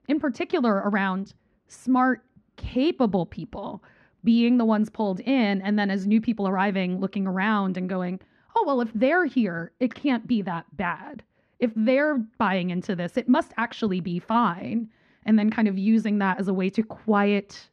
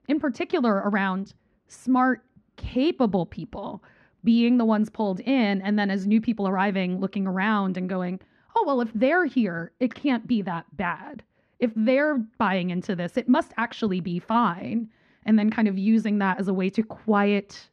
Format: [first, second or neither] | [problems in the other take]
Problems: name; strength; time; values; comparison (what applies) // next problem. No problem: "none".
neither | muffled; very; fading above 2 kHz; the same in both